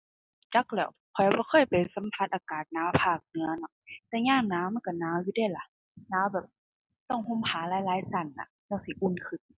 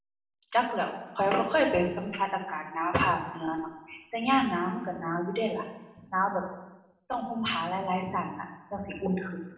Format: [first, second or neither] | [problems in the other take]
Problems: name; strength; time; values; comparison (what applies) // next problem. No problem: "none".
first | room echo; dies away in 0.8 s